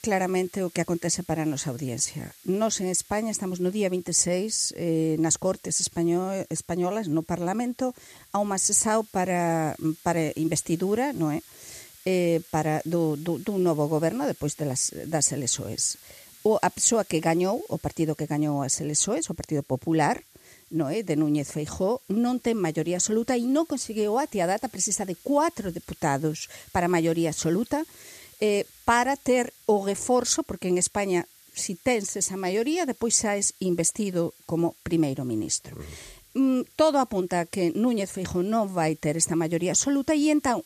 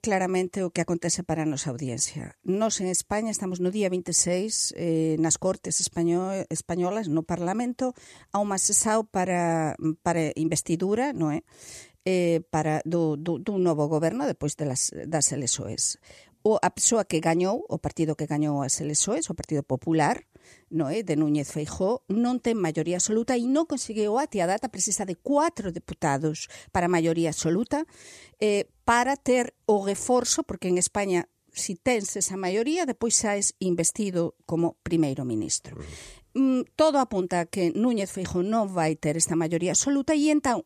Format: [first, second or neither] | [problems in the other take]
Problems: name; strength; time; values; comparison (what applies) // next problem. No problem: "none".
second | hiss; faint; throughout; 25 dB below the speech